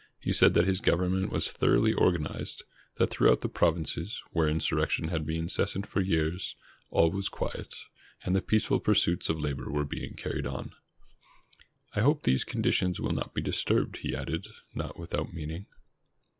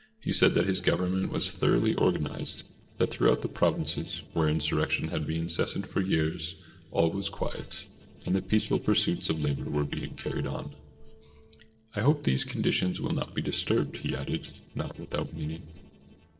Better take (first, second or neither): first